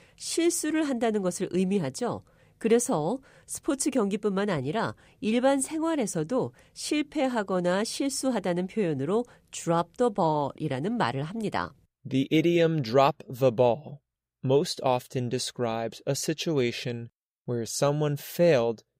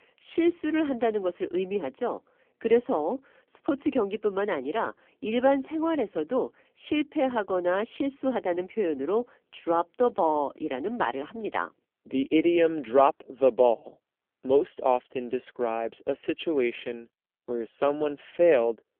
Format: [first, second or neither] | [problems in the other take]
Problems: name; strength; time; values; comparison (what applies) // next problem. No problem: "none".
first | phone-call audio; poor line; nothing above 3.5 kHz